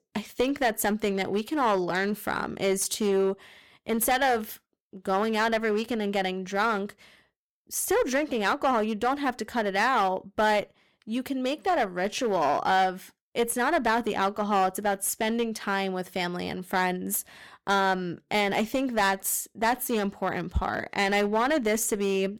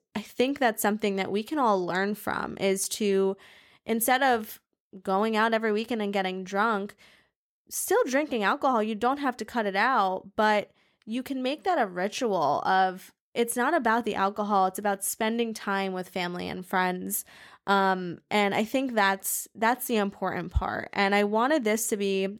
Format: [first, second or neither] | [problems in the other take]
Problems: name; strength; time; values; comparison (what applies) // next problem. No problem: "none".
second | distortion; slight; 6% of the sound clipped